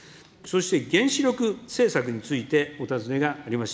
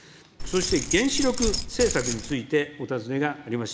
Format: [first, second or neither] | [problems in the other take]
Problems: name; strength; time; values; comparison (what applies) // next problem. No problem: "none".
first | background sound (Keys jangling); 3 dB below the speech